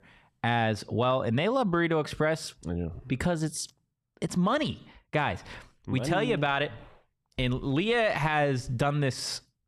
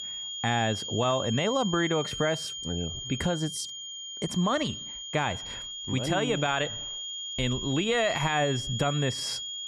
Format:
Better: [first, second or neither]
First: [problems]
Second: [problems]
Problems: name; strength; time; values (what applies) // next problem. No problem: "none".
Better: first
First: none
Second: high-pitched whine; loud; throughout; 3.5 kHz, 5 dB below the speech